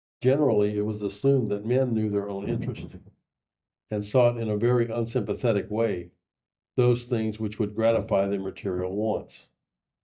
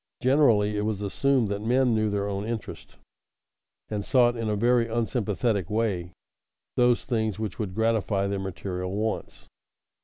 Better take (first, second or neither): second